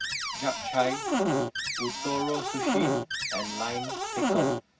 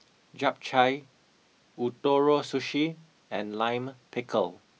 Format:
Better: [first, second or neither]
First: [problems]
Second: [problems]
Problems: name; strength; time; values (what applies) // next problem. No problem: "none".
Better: second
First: background sound (Cupboard open or close); 4 dB above the speech // room echo; dies away in 0.4 s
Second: none